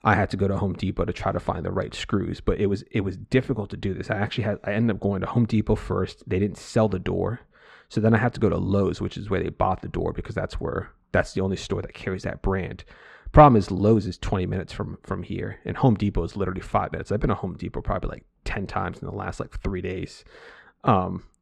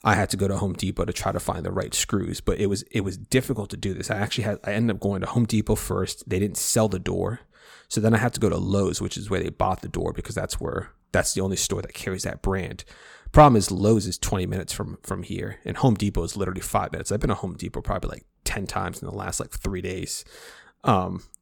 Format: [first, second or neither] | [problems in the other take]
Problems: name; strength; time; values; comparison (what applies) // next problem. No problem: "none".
second | muffled; slightly; fading above 2.5 kHz